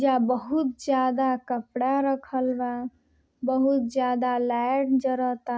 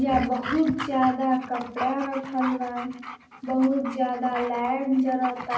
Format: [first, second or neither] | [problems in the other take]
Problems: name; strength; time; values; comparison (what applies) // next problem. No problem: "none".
first | background sound (Dog); 11 dB below the speech // room echo; dies away in 0.6 s